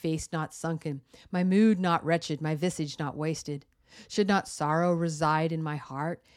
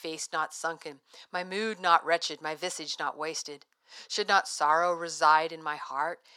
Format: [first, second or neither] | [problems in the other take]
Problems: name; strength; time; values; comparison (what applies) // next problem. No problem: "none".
first | thin; very; fading below 650 Hz